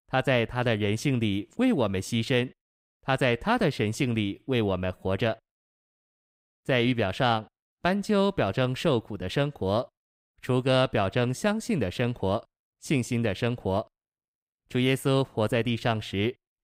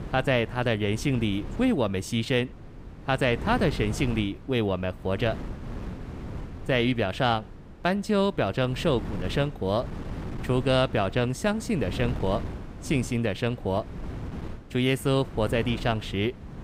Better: first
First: none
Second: wind noise on the microphone; occasional gusts; 15 dB below the speech

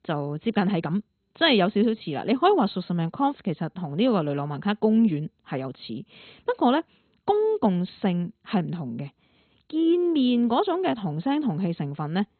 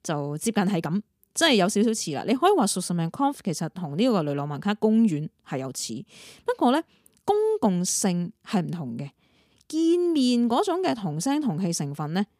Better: second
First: garbled, watery; badly; nothing above 4 kHz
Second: none

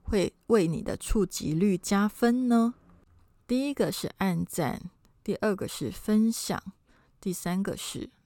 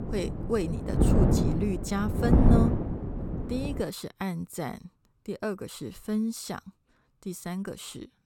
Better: first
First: none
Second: wind noise on the microphone; heavy; until 4 s; 1 dB above the speech

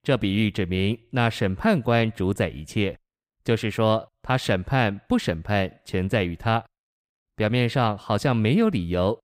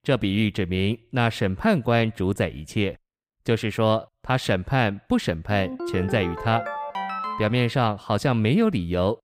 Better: first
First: none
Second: phone ringing; noticeable; from 5.5 to 7.5 s; peak 5 dB below the speech

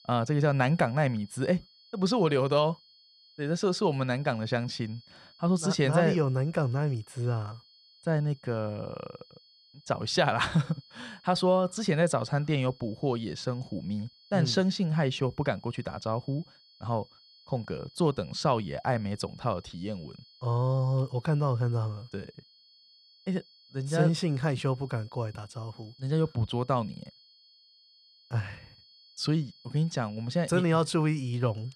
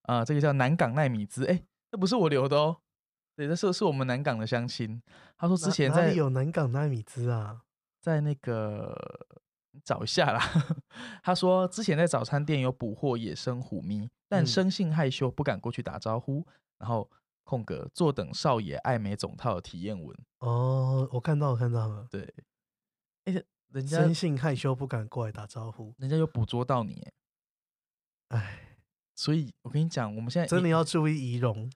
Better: second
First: high-pitched whine; faint; throughout; 4.5 kHz, 25 dB below the speech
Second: none

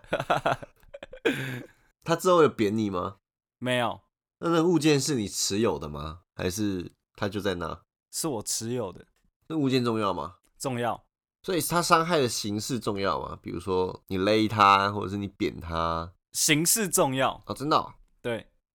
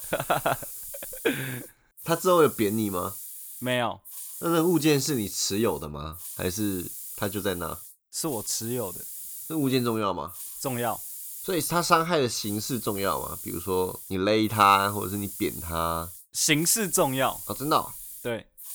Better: first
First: none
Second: hiss; noticeable; throughout; 10 dB below the speech

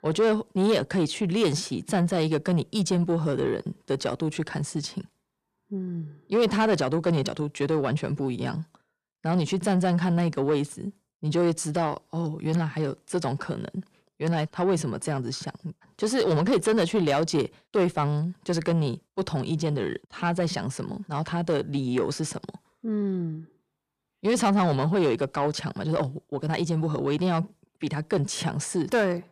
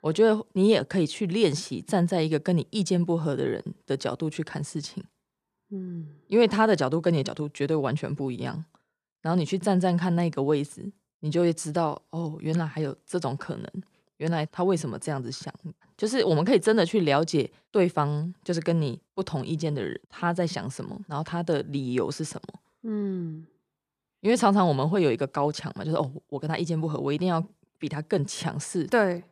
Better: second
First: distortion; slight; 10 dB below the speech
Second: none

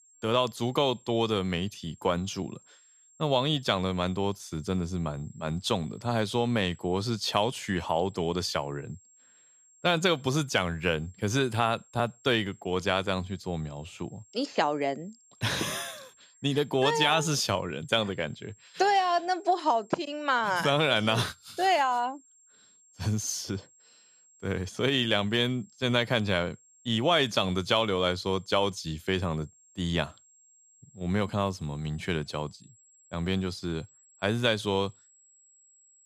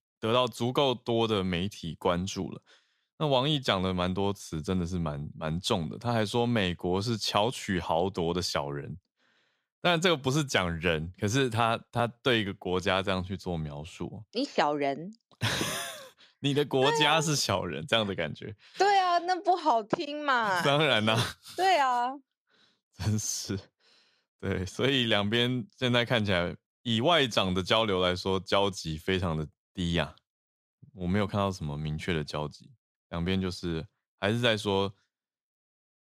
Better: second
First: high-pitched whine; faint; throughout; 7.5 kHz, 30 dB below the speech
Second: none

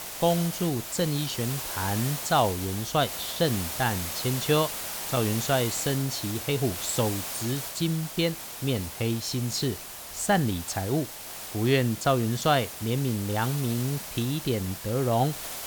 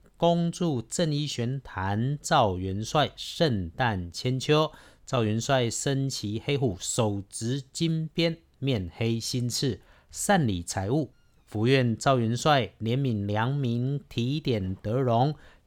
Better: second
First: hiss; loud; throughout; 6 dB below the speech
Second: none

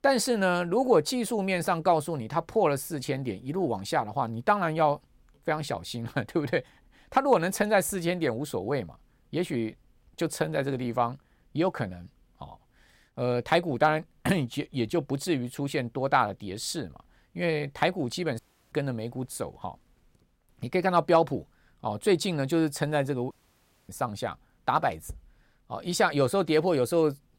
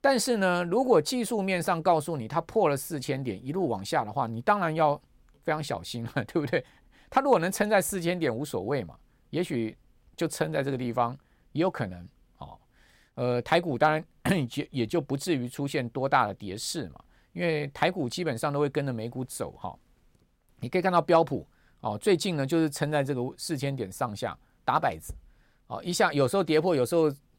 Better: second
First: audio cutting out; at 18 s and at 23 s for 0.5 s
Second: none

